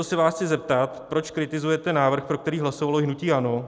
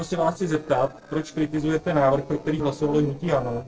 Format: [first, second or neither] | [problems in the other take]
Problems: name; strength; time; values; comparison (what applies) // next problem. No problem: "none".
first | noise reduction (neural separator model SepFormer DNS4)